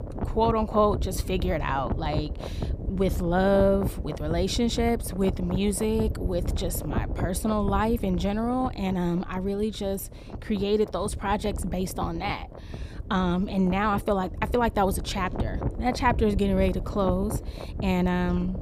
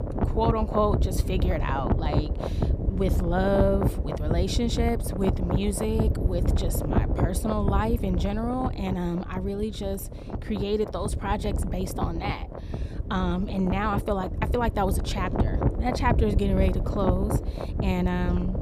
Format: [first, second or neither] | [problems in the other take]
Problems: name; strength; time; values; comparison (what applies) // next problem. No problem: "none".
first | wind noise on the microphone; heavy; 6 dB below the speech; occasional gusts in the first